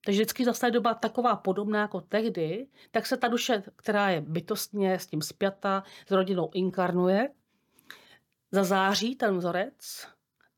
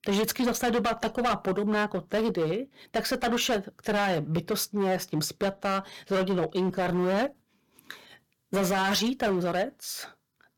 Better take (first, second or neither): first